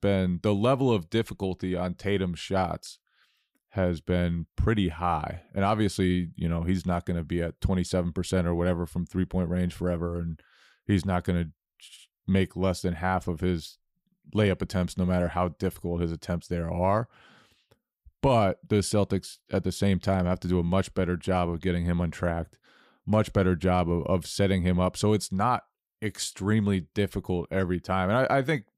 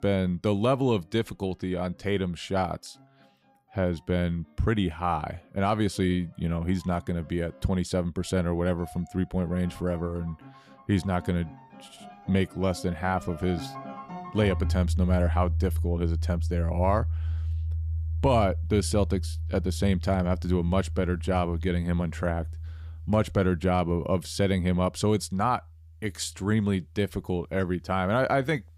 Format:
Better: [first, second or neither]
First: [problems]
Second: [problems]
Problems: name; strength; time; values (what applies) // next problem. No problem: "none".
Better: first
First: none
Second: background music; loud; throughout; 5 dB below the speech